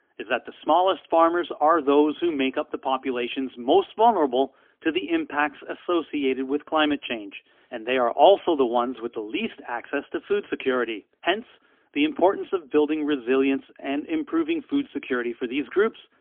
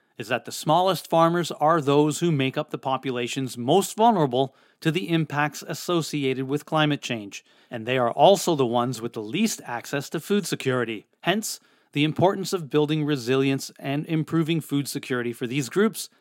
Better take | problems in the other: second | phone-call audio; poor line; nothing above 3.5 kHz

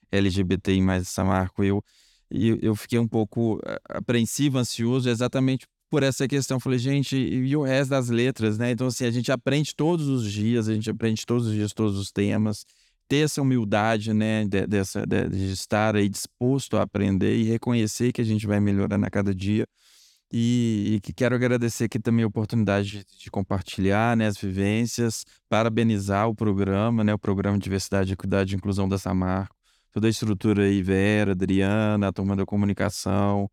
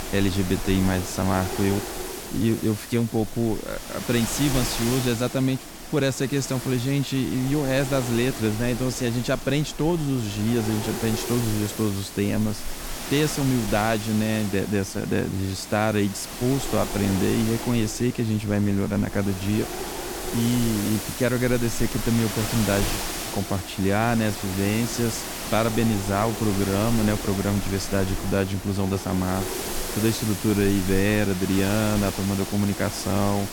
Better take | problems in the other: first | wind noise on the microphone; heavy; 5 dB below the speech

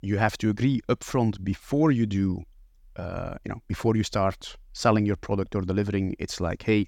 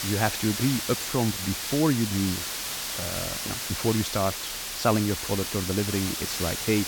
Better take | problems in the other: first | hiss; loud; throughout; 2 dB below the speech

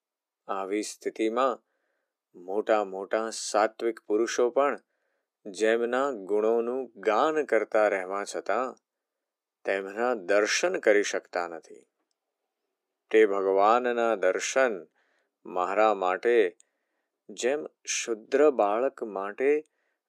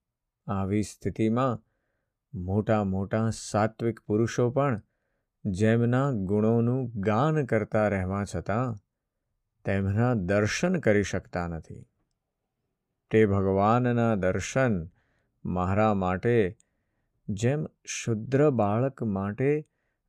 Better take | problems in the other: second | thin; very; fading below 300 Hz

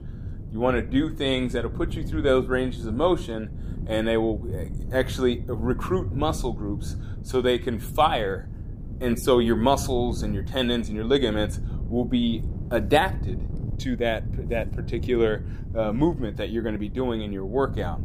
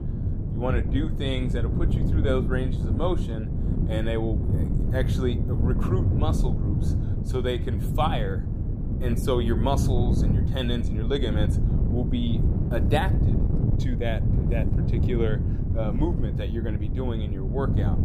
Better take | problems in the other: first | wind noise on the microphone; heavy; 5 dB below the speech; occasional gusts in the first

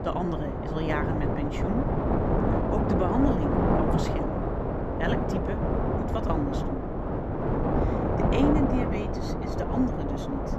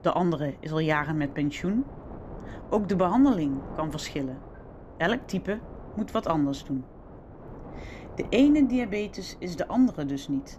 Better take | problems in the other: second | wind noise on the microphone; heavy; 4 dB above the speech; occasional gusts in the second

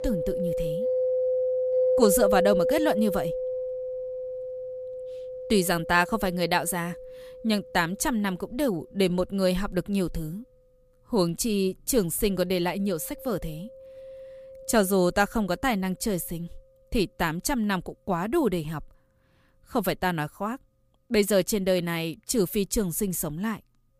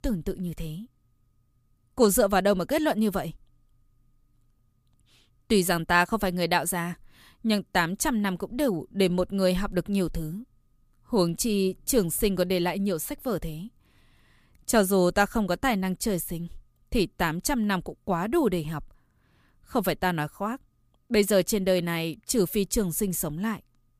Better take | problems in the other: second | background music; loud; throughout; 2 dB below the speech

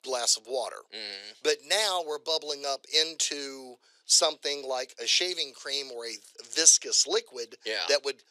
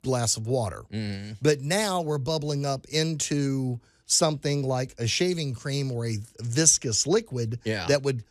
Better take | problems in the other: second | thin; very; fading below 450 Hz

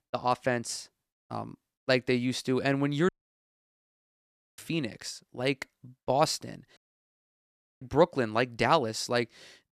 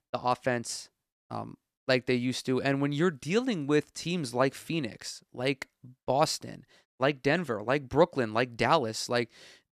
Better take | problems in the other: second | audio cutting out; at 3 s for 1.5 s and at 7 s for 1 s

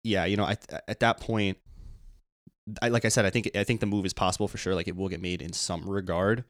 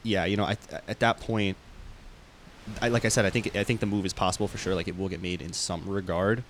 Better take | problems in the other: first | wind noise on the microphone; occasional gusts; 20 dB below the speech

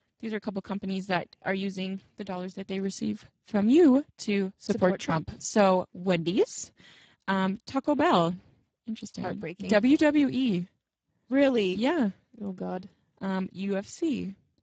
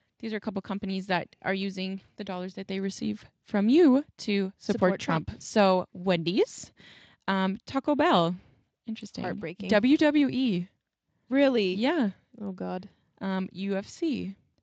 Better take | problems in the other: second | garbled, watery; badly; nothing above 7.5 kHz; slightly in the second

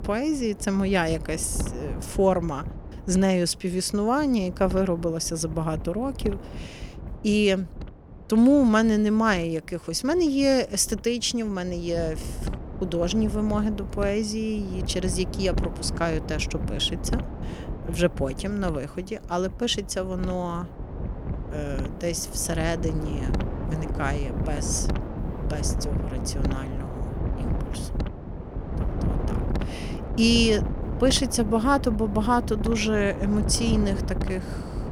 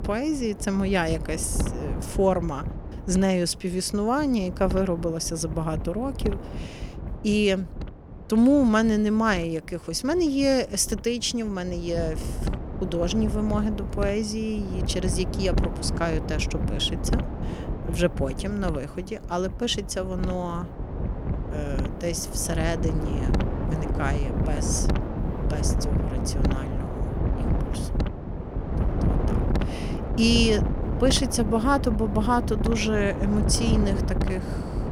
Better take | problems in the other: first | wind noise on the microphone; heavy; 9 dB below the speech; occasional gusts in the first

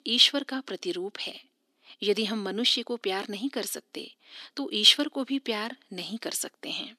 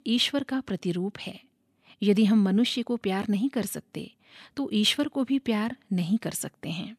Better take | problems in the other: second | thin; somewhat; fading below 300 Hz

